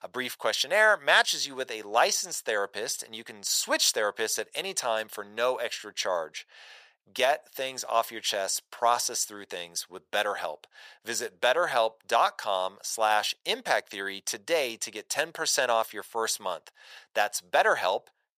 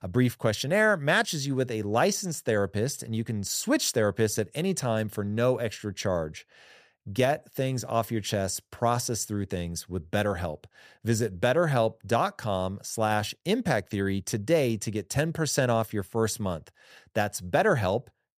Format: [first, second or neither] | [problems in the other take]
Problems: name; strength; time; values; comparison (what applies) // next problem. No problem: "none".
second | thin; very; fading below 750 Hz